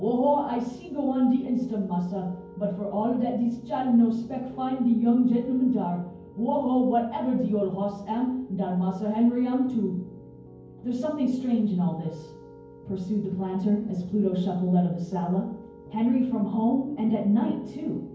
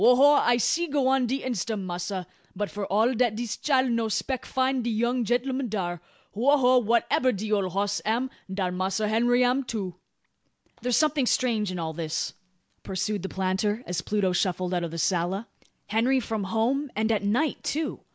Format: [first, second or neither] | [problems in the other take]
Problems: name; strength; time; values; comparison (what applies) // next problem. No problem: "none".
second | background sound (Piano); 20 dB below the speech // room echo; dies away in 0.9 s